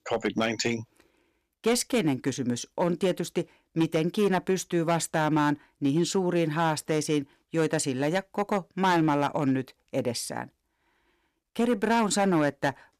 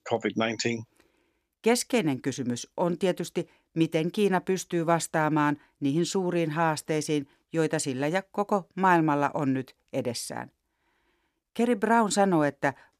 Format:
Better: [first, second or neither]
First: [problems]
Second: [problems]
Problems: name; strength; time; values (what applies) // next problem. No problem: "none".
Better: second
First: distortion; slight; 5% of the sound clipped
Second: none